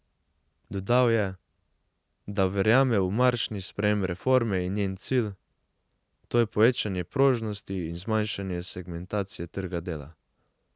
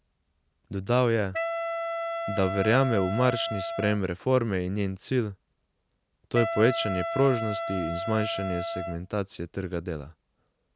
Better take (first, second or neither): first